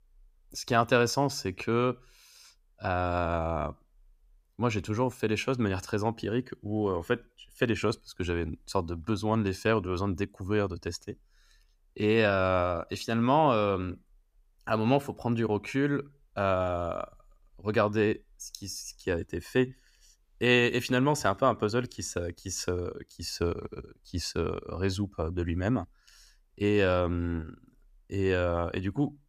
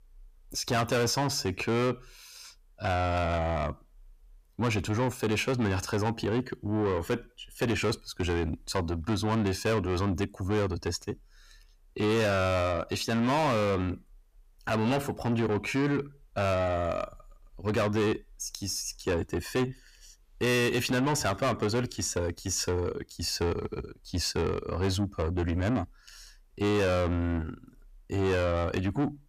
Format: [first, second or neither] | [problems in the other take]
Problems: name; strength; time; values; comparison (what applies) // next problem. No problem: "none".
first | distortion; heavy; 7 dB below the speech